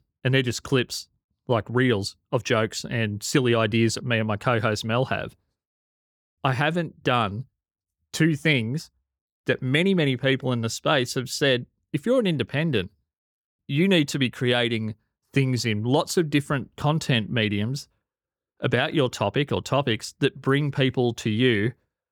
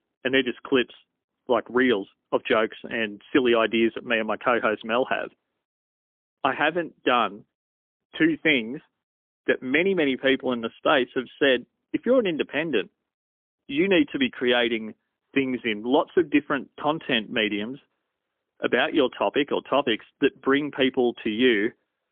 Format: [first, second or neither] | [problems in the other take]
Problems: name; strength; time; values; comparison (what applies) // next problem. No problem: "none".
first | phone-call audio; poor line; nothing above 3.5 kHz